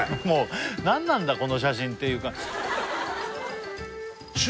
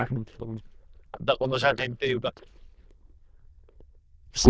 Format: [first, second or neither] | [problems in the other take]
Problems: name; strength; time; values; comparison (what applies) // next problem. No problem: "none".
first | noise reduction (neural diffusion model UNIVERSE++)